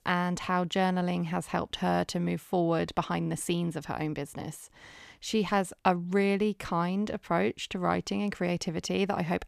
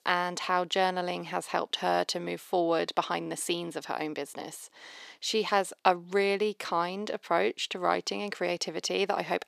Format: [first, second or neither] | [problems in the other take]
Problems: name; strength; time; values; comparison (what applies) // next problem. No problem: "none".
first | thin; somewhat; fading below 400 Hz